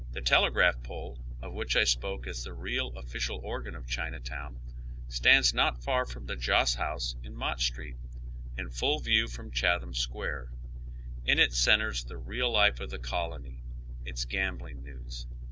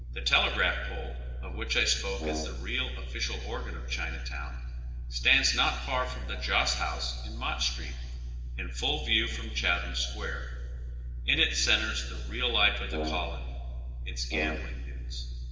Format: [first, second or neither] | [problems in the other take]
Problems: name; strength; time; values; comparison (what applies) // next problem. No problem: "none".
first | background sound (Brass instrument); 9 dB below the speech // room echo; dies away in 2.1 s